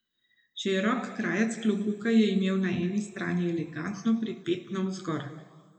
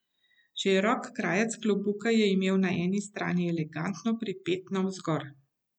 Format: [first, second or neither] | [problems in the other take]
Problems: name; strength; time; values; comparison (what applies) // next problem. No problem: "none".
second | room echo; dies away in 1.4 s